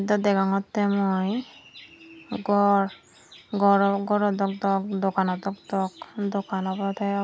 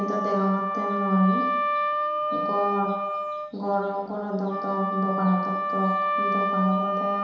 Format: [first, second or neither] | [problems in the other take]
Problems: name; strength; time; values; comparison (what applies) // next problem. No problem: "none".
first | background sound (Wind instrument, woodwind instrument); as loud as the speech // room echo; dies away in 1 s